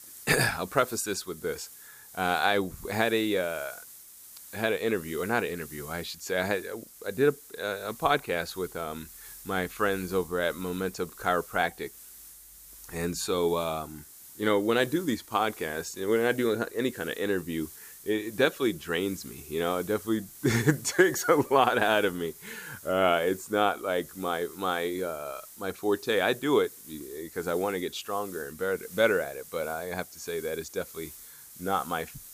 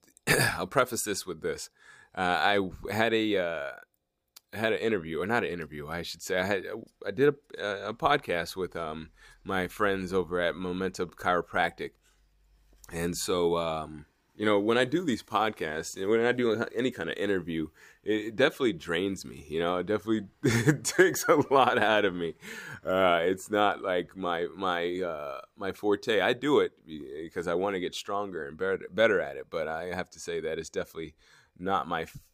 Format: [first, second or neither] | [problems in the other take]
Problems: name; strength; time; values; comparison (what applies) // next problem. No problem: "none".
second | hiss; noticeable; throughout; 15 dB below the speech